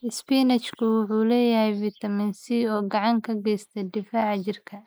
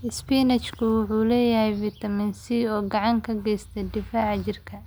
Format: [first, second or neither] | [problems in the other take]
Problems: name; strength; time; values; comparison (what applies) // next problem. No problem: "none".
second | noise reduction (neural mask model Resemble Enhance denoiser)